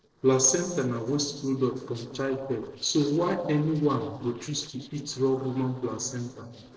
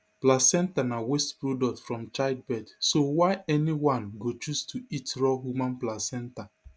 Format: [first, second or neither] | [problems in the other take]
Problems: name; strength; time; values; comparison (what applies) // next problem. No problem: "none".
second | noise reduction (neural separator model SepFormer DNS4)